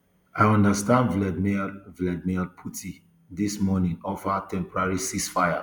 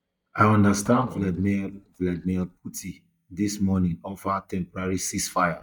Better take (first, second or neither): first